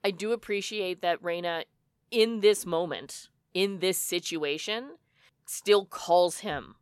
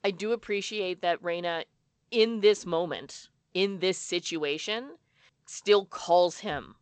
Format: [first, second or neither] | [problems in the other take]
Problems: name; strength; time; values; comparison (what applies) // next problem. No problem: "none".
first | garbled, watery; slightly; nothing above 8 kHz